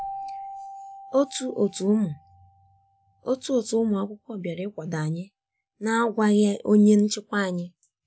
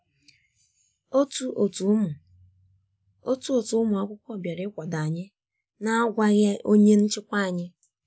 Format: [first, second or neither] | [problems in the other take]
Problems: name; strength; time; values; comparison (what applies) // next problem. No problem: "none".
second | background sound (Keyboard (musical)); 19 dB below the speech